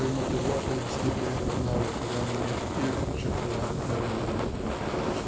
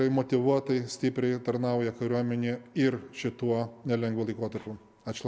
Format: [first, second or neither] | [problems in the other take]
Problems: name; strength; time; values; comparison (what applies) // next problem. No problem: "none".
second | background sound (Fire); 3 dB above the speech // room echo; dies away in 1.6 s